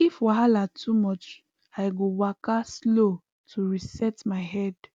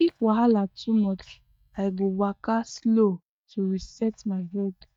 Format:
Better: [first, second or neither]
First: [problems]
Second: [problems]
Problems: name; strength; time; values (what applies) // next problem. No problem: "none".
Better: first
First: none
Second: noise reduction (neural mask model DeepFilterNet 3)